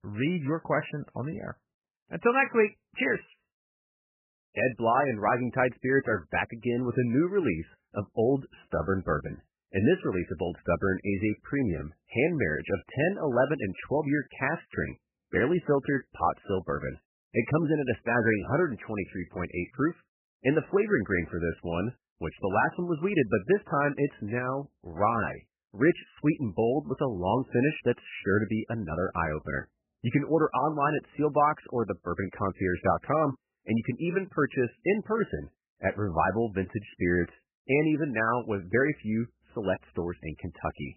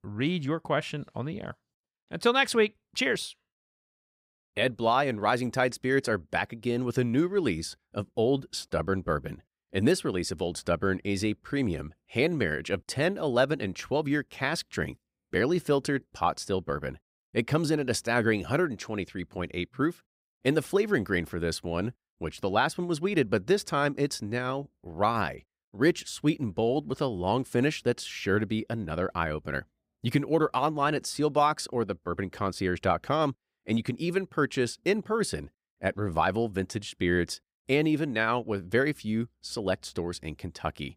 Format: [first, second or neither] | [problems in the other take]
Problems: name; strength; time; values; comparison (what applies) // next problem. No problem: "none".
second | garbled, watery; badly; nothing above 3 kHz